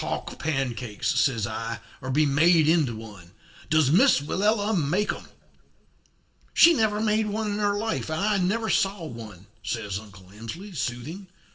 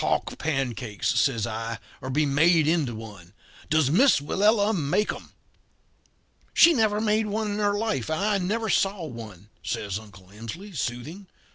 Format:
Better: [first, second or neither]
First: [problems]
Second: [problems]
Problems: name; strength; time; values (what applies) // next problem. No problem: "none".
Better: second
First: room echo; dies away in 0.7 s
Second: none